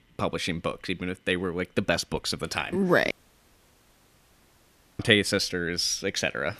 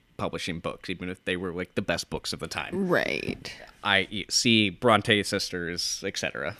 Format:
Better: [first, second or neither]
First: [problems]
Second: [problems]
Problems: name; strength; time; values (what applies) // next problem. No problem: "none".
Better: second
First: audio cutting out; at 3 s for 2 s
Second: none